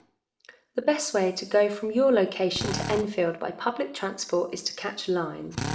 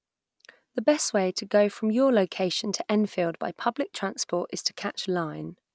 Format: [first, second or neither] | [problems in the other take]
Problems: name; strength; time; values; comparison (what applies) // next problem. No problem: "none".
second | background sound (Drill); 13 dB below the speech // room echo; dies away in 0.5 s